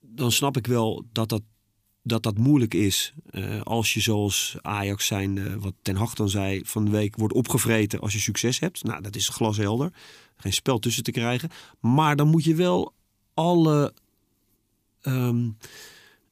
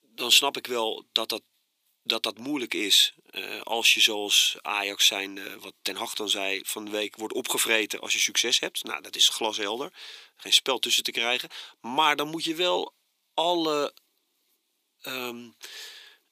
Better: first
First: none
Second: thin; very; fading below 400 Hz

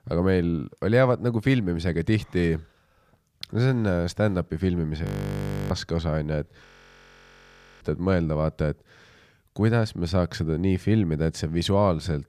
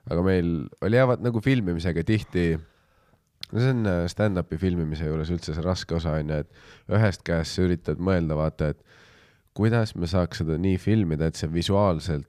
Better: second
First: audio freezing; at 5 s for 0.5 s and at 6.5 s for 1 s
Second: none

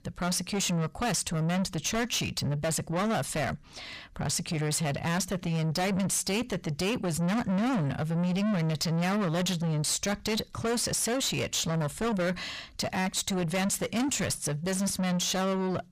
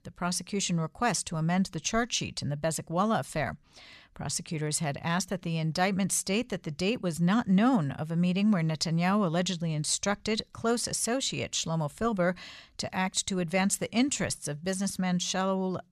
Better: second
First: distortion; heavy; 7 dB below the speech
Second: none

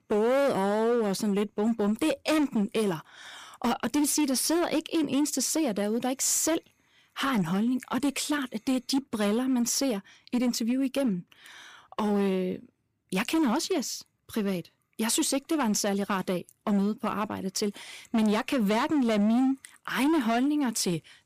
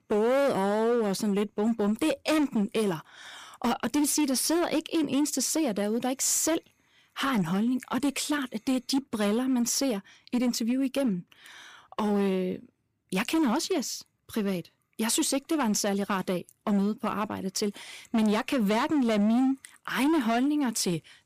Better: neither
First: distortion; slight; 12% of the sound clipped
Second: distortion; slight; 12% of the sound clipped

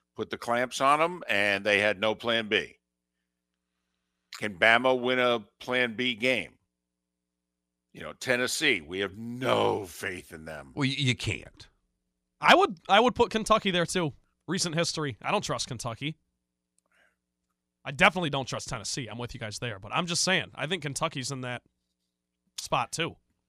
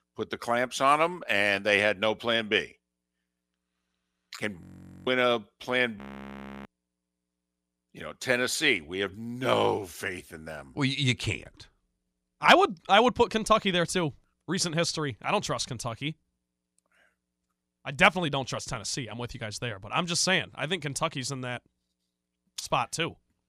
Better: first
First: none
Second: audio freezing; at 4.5 s and at 6 s for 0.5 s

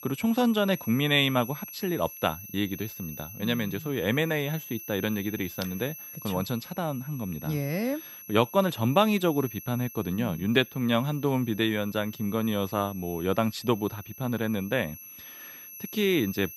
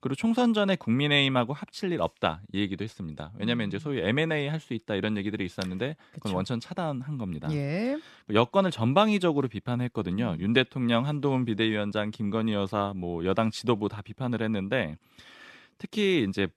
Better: second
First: high-pitched whine; noticeable; throughout; 11.5 kHz, 15 dB below the speech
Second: none

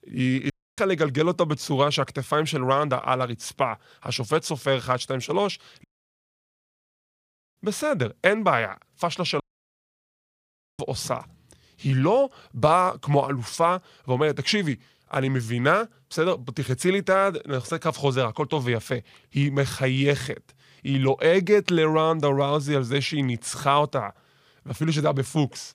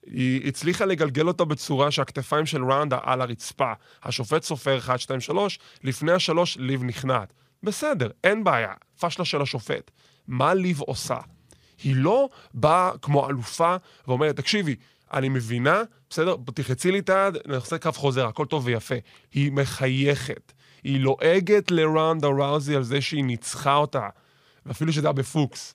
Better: second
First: audio cutting out; at 0.5 s, at 6 s for 1.5 s and at 9.5 s for 1.5 s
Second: none

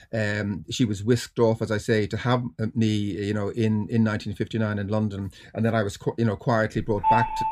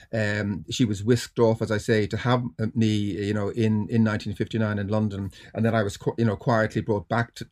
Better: second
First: phone ringing; loud; at 7 s; peak 3 dB above the speech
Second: none

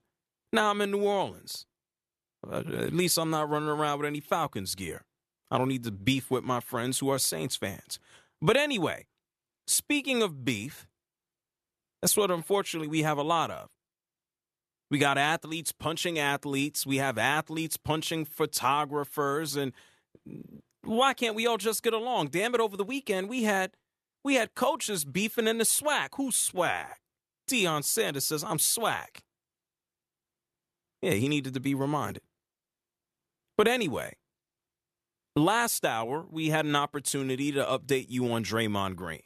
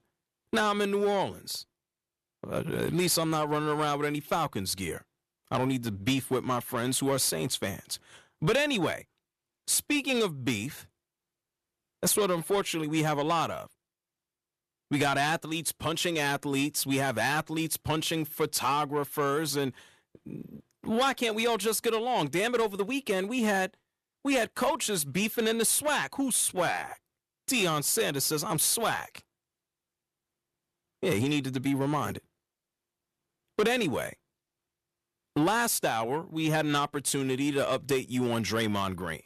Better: first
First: none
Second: distortion; slight; 10 dB below the speech

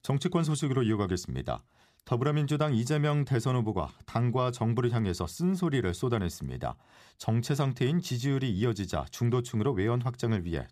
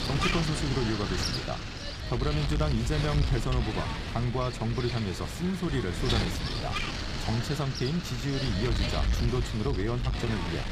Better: first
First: none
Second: wind noise on the microphone; heavy; 1 dB above the speech

